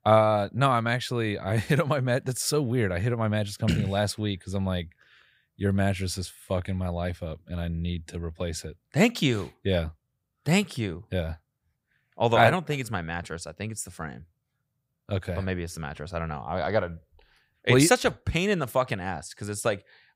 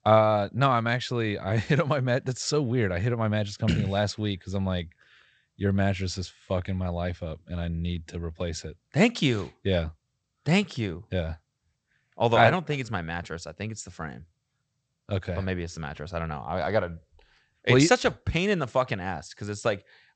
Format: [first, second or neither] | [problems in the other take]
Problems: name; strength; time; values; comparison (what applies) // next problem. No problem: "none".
first | garbled, watery; slightly; nothing above 8 kHz